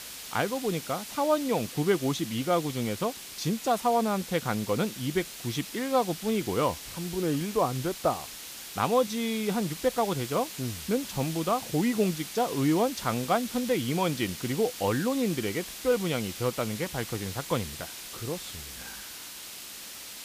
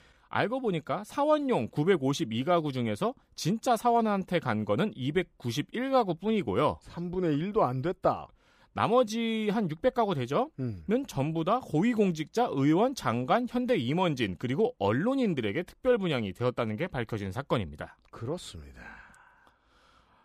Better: second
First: hiss; loud; throughout; 9 dB below the speech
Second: none

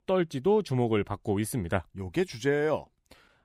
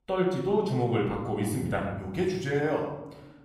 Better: first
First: none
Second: off-mic speech; far // room echo; noticeable; dies away in 0.8 s

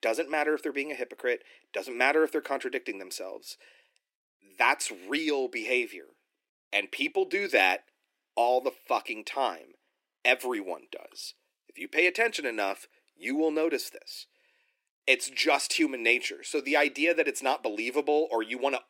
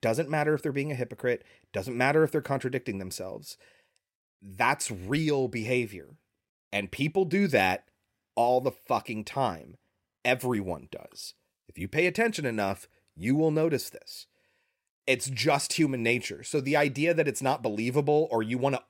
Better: second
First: thin; somewhat; fading below 300 Hz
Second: none

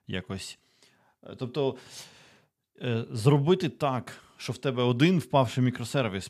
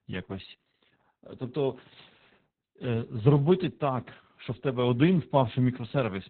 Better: first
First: none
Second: garbled, watery; badly; nothing above 4 kHz

